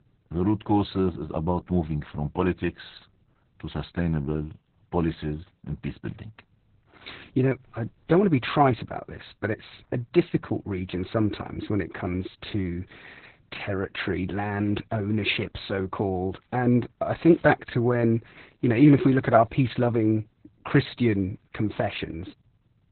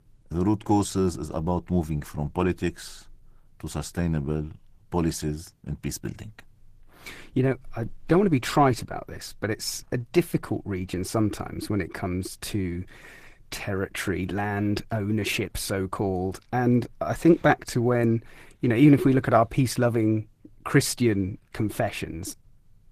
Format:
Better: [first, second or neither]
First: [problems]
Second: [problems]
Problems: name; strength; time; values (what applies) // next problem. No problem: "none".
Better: second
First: garbled, watery; badly; nothing above 4 kHz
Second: garbled, watery; slightly; nothing above 14.5 kHz